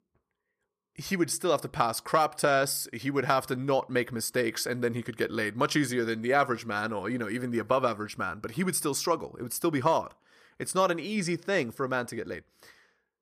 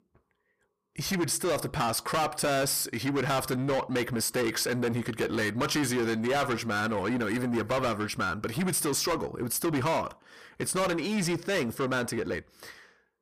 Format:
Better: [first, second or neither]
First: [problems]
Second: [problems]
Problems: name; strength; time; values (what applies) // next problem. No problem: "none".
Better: first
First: none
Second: distortion; heavy; 6 dB below the speech